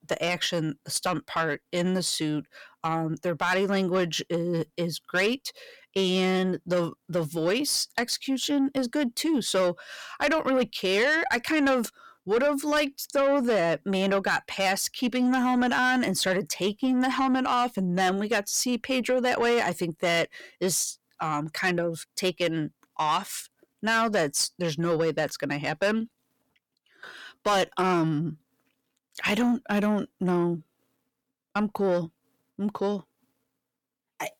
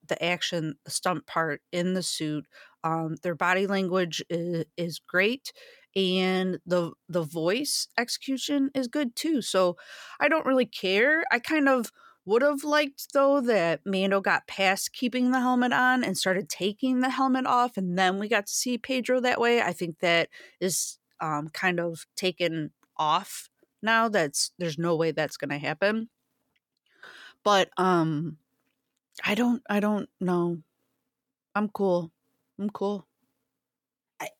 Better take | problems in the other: second | distortion; slight; 10 dB below the speech

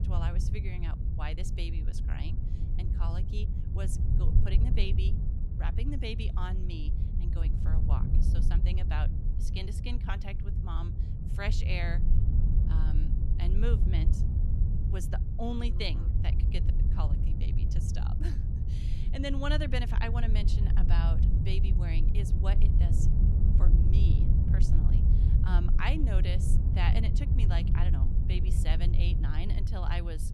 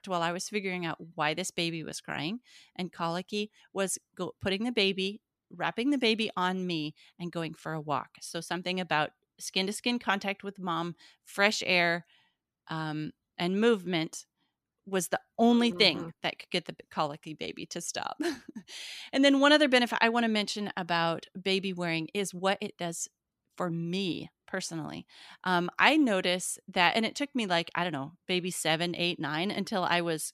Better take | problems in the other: second | wind noise on the microphone; heavy; 4 dB below the speech

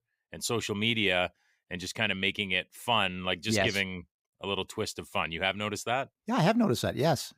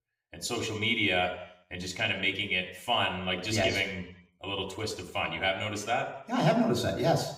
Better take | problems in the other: first | room echo; slight; dies away in 0.7 s // off-mic speech; somewhat distant

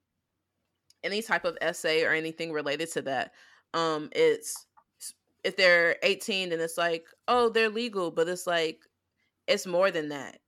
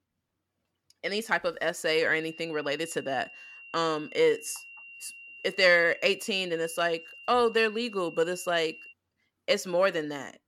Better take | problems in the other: first | high-pitched whine; noticeable; from 2 to 9 s; 3 kHz, 20 dB below the speech

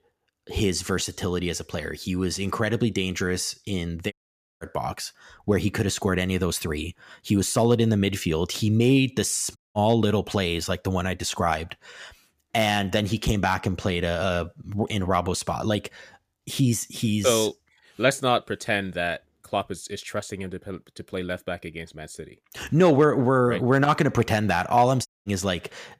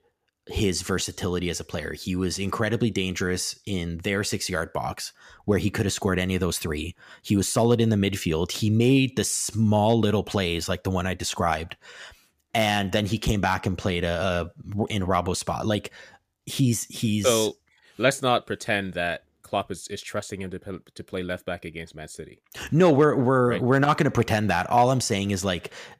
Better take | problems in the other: second | audio cutting out; at 4 s, at 9.5 s and at 25 s

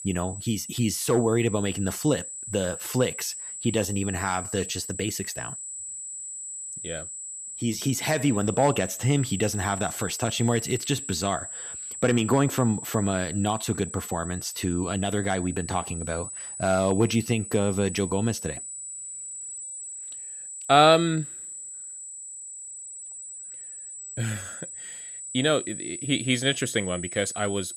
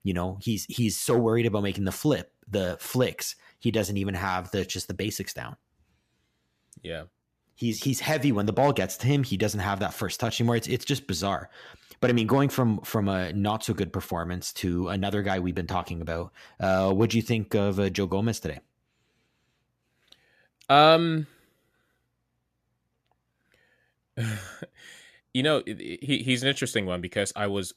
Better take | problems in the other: second | high-pitched whine; loud; throughout; 7.5 kHz, 9 dB below the speech

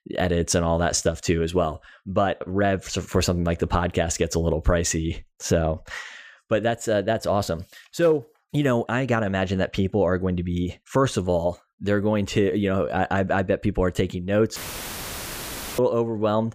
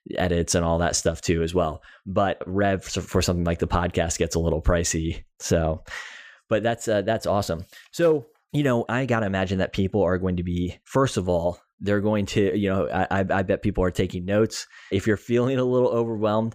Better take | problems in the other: second | audio cutting out; filled with static; at 15 s for 1 s

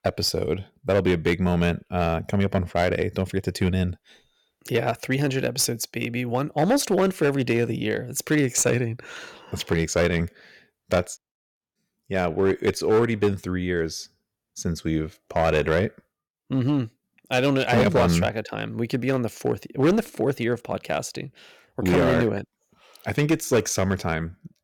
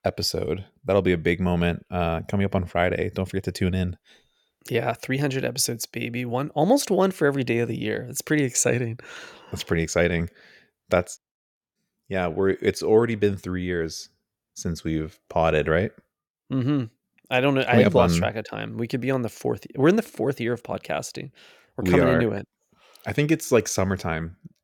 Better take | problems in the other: second | distortion; slight; 4% of the sound clipped

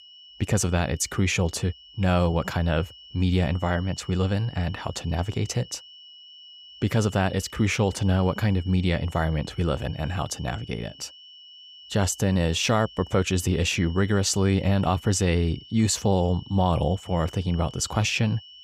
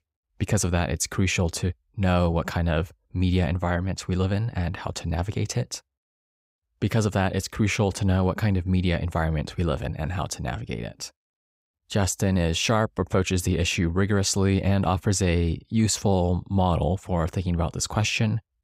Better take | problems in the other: second | high-pitched whine; noticeable; throughout; 3 kHz, 20 dB below the speech

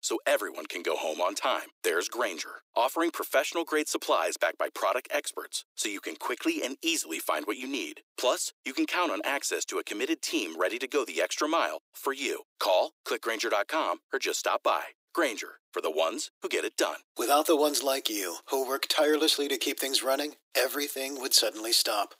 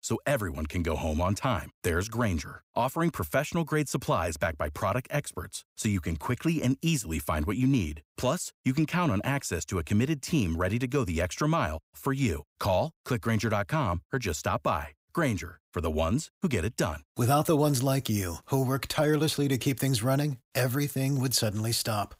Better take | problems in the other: second | thin; very; fading below 300 Hz

